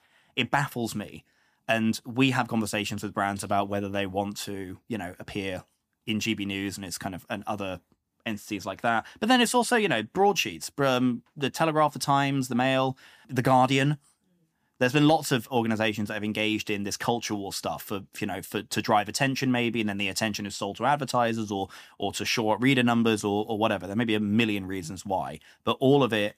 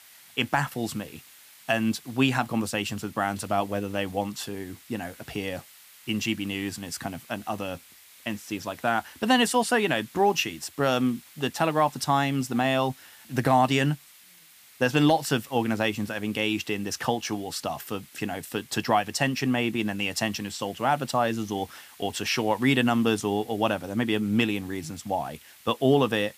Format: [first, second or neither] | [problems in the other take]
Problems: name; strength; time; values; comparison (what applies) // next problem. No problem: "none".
first | hiss; faint; throughout; 25 dB below the speech